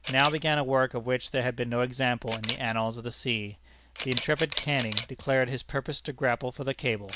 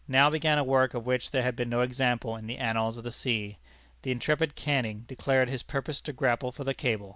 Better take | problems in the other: second | background sound (Camera); 13 dB below the speech

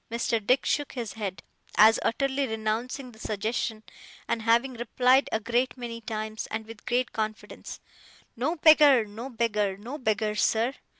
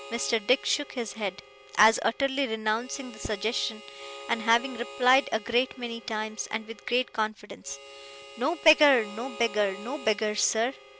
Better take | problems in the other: first | background sound (Harmonica); 17 dB below the speech

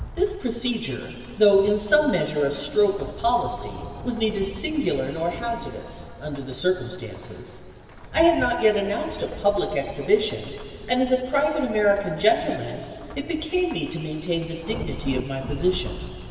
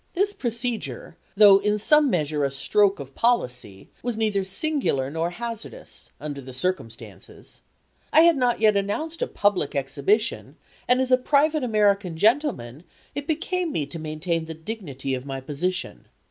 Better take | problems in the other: second | background sound (Rain / Thunderstorm); 13 dB below the speech // room echo; dies away in 2.6 s

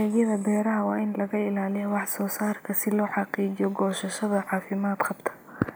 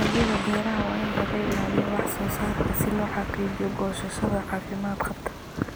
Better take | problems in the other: first | background sound (Thunder / Rain); as loud as the speech

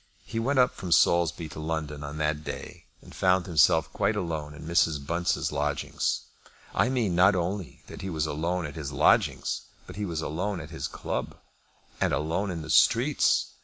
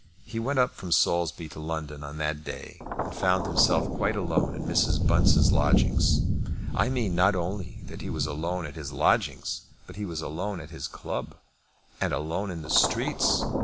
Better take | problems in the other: first | background sound (Thunder); as loud as the speech

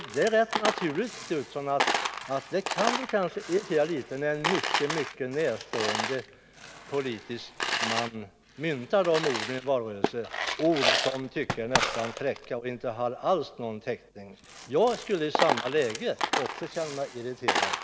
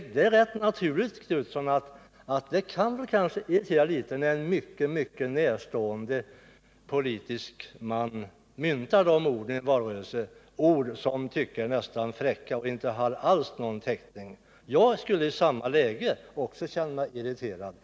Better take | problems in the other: second | background sound (Coin (dropping)); 3 dB below the speech

